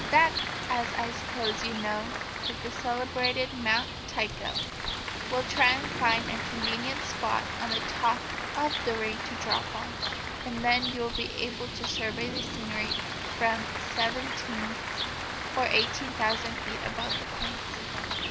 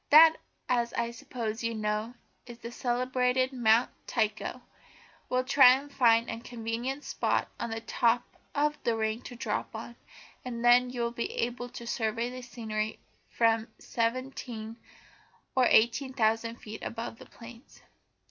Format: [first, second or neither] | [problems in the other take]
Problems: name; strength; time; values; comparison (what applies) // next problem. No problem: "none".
second | background sound (Bird + Applause); 2 dB below the speech